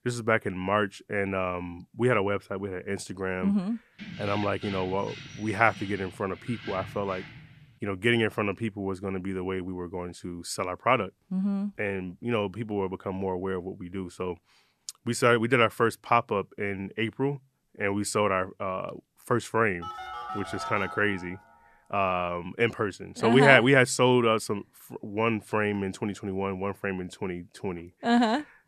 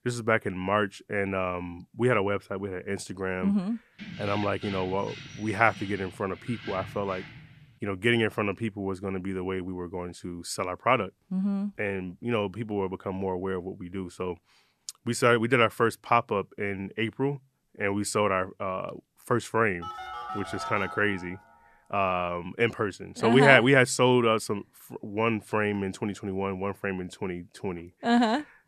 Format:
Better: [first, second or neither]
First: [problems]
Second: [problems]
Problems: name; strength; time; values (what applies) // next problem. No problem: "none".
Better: neither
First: jangling keys; faint; from 4 to 7.5 s; peak 10 dB below the speech // phone ringing; noticeable; from 20 to 21 s; peak 8 dB below the speech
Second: jangling keys; faint; from 4 to 7.5 s; peak 10 dB below the speech // phone ringing; noticeable; from 20 to 21 s; peak 8 dB below the speech